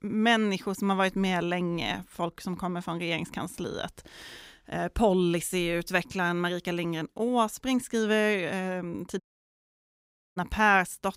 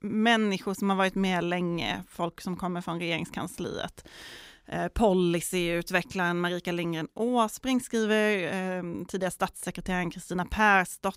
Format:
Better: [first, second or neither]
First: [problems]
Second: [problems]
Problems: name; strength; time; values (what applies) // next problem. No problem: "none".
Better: second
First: audio cutting out; at 9 s for 1 s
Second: none